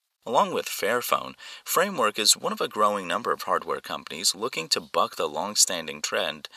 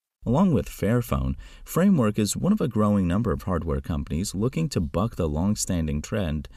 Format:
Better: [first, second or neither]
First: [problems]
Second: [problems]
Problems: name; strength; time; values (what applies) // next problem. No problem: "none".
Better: second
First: thin; very; fading below 800 Hz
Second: none